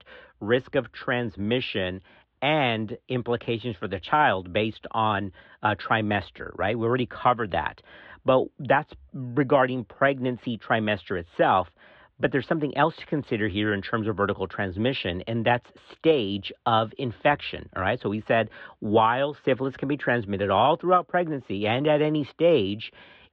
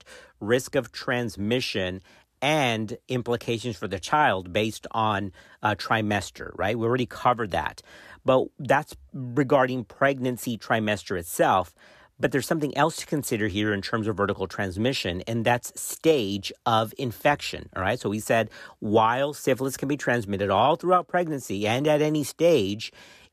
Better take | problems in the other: second | muffled; very; fading above 3.5 kHz

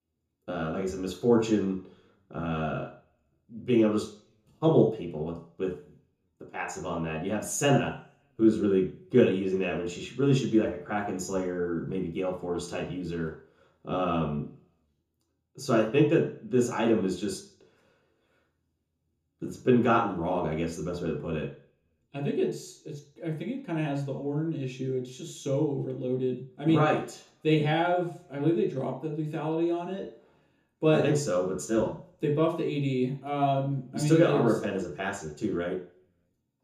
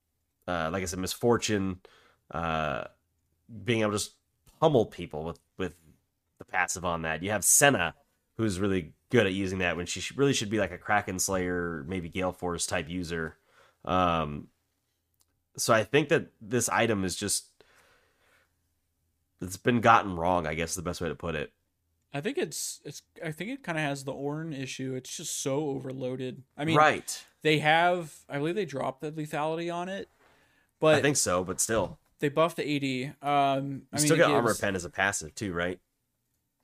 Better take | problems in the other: second | room echo; slight; dies away in 0.6 s // off-mic speech; far

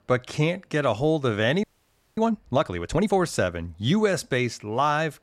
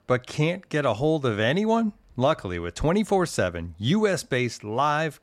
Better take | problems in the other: second | audio freezing; at 1.5 s for 0.5 s

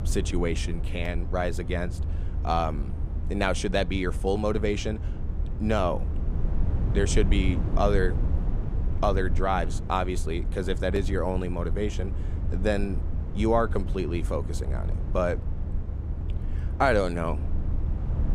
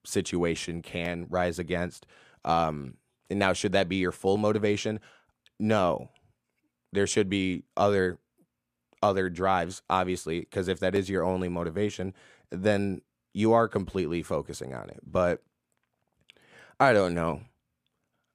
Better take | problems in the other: second | low rumble; noticeable; throughout; 15 dB below the speech

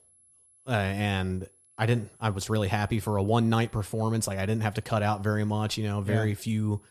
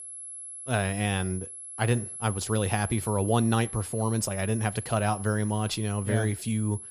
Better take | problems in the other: first | high-pitched whine; loud; throughout; 11 kHz, 9 dB below the speech; faint in the first

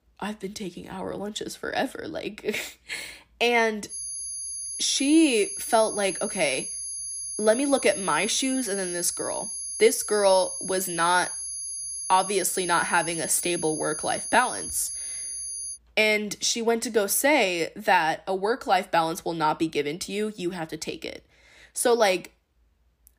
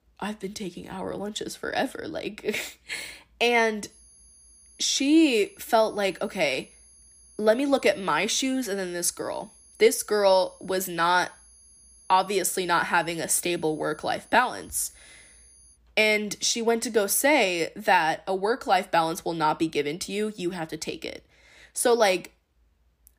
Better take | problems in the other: second | high-pitched whine; loud; from 4 to 16 s; 10.5 kHz, 6 dB below the speech; faint in the second

